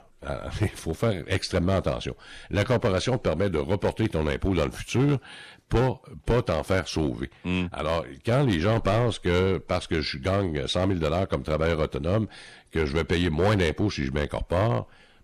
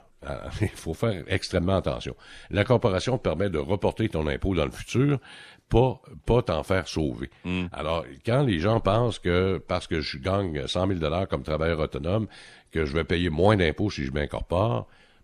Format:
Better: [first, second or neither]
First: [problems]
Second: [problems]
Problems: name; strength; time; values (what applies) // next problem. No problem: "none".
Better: second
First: distortion; slight; 6% of the sound clipped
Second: none